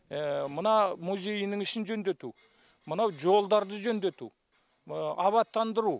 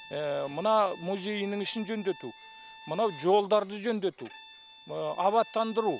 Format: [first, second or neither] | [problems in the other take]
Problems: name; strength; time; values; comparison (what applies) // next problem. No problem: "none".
first | background sound (Bowed string instrument); 20 dB below the speech